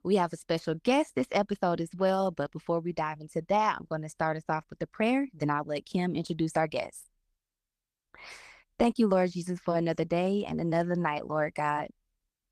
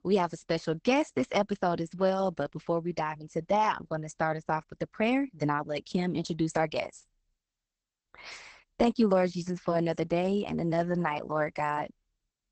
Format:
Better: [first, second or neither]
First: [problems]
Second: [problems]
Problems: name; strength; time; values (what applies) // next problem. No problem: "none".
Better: first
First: garbled, watery; slightly; nothing above 13.5 kHz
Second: garbled, watery; badly; nothing above 8 kHz